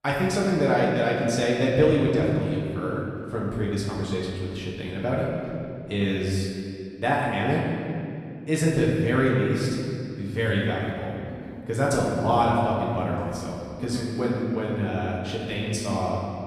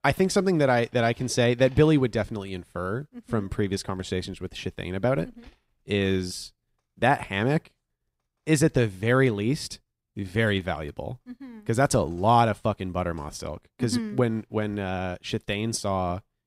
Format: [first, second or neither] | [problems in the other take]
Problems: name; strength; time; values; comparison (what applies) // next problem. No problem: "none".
second | room echo; noticeable; dies away in 2.2 s // off-mic speech; far